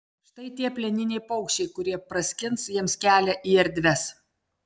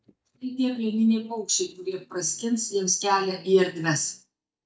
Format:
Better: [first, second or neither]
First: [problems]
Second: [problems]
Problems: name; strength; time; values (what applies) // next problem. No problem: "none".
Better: first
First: none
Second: noise reduction (neural mask model DeepFilterNet 3)